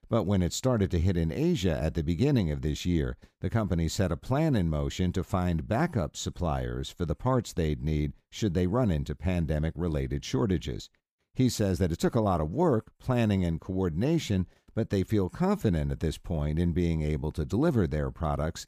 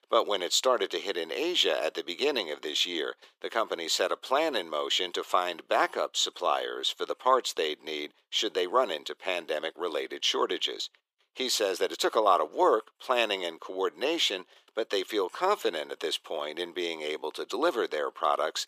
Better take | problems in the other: first | thin; very; fading below 400 Hz

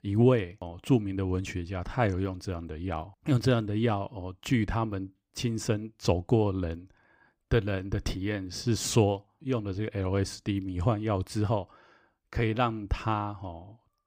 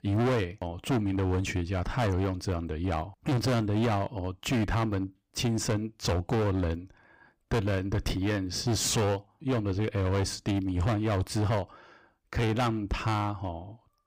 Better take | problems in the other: first | distortion; heavy; 17% of the sound clipped

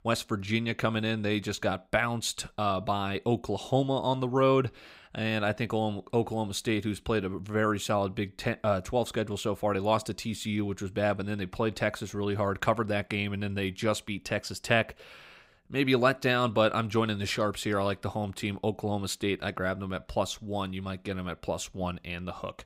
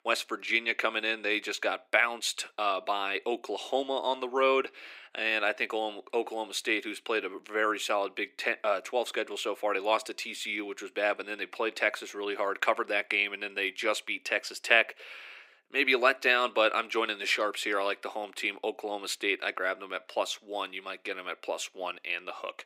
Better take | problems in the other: first | thin; very; fading below 300 Hz

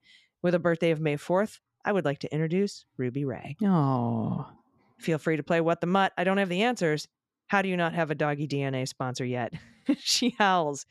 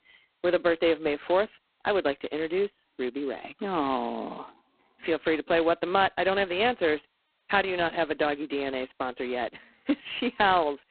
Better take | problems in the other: first | phone-call audio; poor line; nothing above 4 kHz

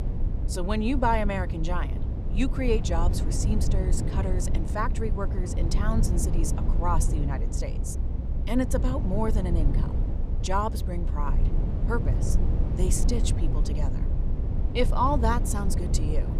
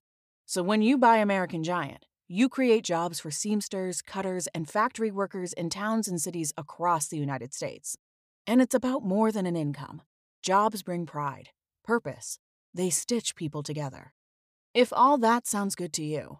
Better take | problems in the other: second | low rumble; loud; throughout; 10 dB below the speech

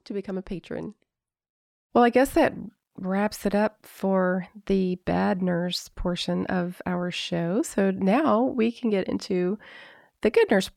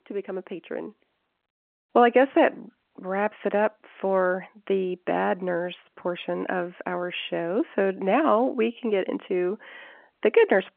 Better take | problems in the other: first | phone-call audio

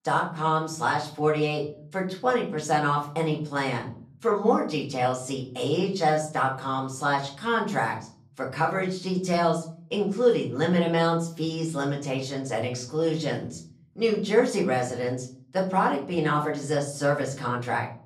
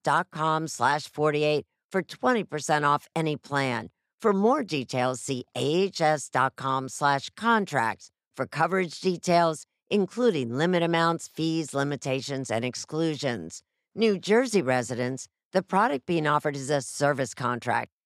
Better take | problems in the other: second | off-mic speech; far // room echo; slight; dies away in 0.5 s

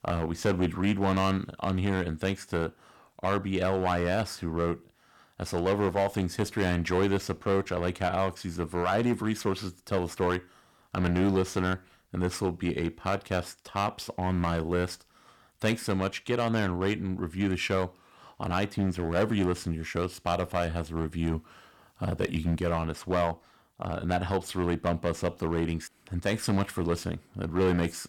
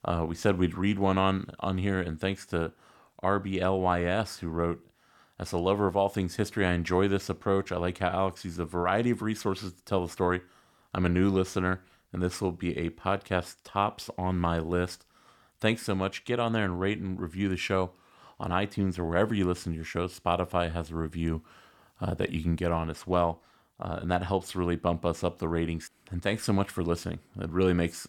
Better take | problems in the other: second | distortion; slight; 4% of the sound clipped

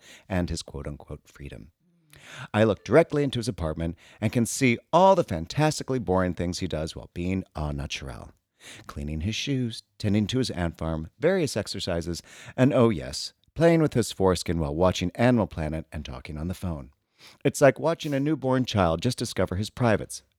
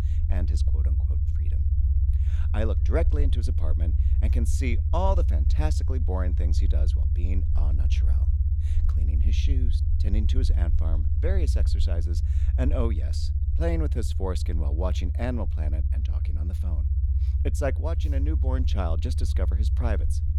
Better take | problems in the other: first | low rumble; loud; throughout; 8 dB below the speech

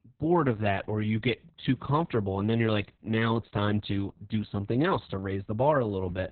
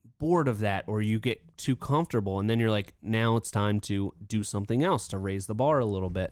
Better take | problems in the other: second | garbled, watery; badly; nothing above 4 kHz; slightly in the second

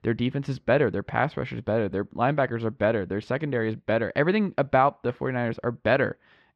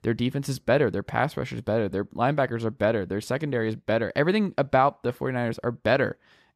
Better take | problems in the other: second | muffled; slightly; fading above 3 kHz

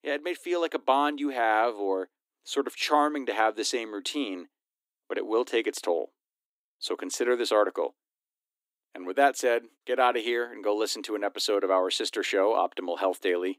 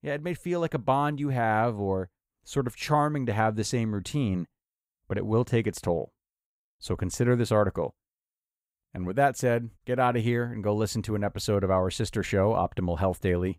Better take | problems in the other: second | thin; somewhat; fading below 300 Hz

